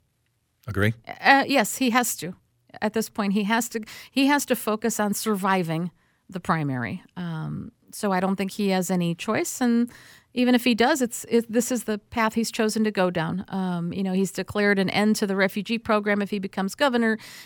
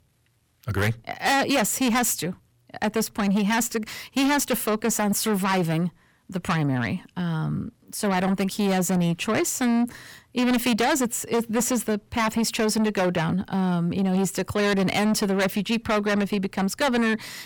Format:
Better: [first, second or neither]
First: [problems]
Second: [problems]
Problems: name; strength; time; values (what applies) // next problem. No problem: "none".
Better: first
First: none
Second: distortion; heavy; 7 dB below the speech